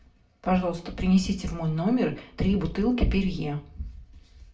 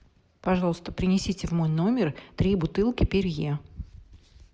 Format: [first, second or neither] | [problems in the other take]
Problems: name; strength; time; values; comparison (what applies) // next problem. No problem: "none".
second | room echo; dies away in 0.3 s